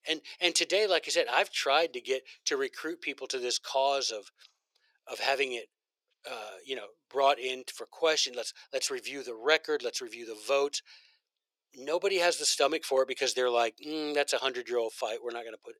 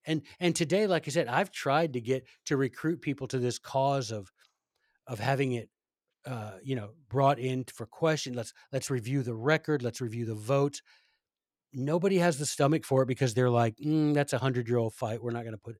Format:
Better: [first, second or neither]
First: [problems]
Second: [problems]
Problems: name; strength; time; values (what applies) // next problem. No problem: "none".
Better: second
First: thin; very; fading below 400 Hz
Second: none